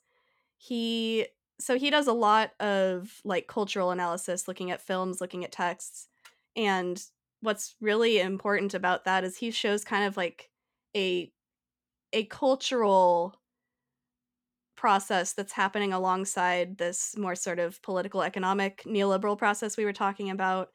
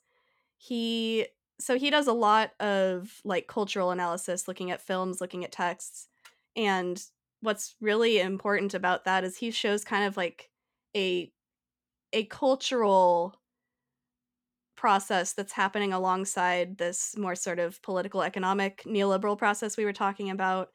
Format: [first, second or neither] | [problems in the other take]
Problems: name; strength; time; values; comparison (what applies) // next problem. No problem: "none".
neither | none